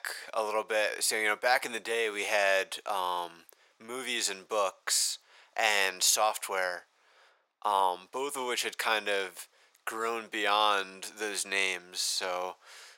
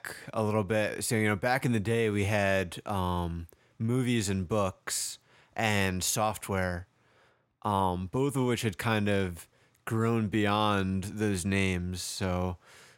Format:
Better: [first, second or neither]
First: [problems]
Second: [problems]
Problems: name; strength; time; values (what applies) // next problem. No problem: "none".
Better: second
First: thin; very; fading below 550 Hz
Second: none